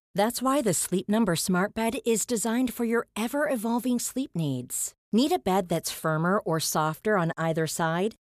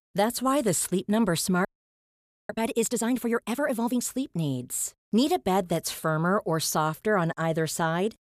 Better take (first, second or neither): first